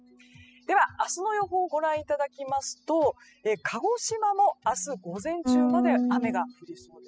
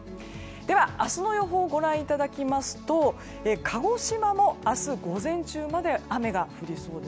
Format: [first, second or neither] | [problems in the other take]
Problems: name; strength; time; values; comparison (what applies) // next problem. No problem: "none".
second | noise reduction (classical method spectral subtraction)